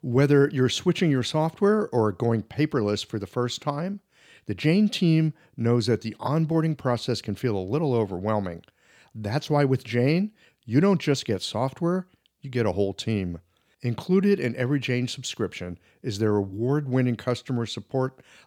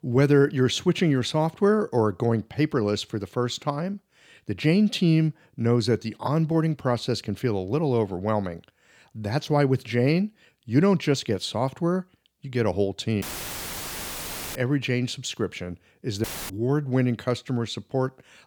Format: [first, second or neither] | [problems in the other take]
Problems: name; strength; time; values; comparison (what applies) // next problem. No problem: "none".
first | audio cutting out; filled with static; at 13 s for 1.5 s and at 16 s